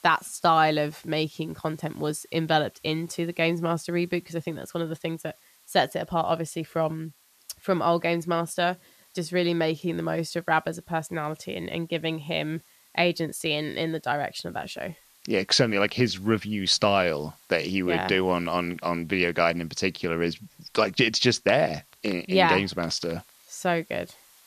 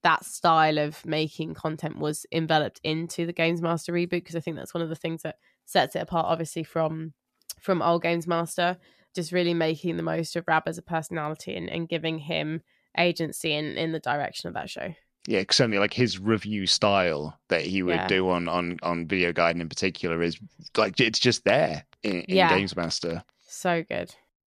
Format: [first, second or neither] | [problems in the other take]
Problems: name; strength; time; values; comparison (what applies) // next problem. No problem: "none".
second | hiss; faint; throughout; 30 dB below the speech